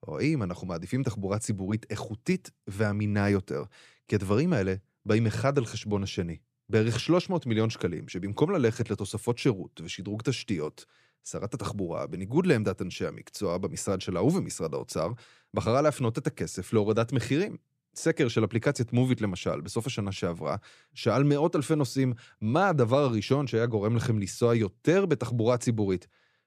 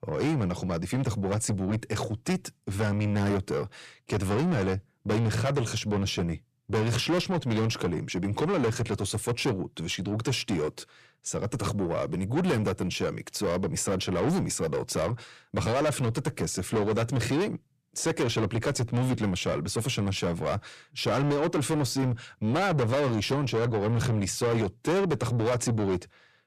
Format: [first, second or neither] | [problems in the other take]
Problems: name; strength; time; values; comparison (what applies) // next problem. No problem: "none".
first | distortion; heavy; 6 dB below the speech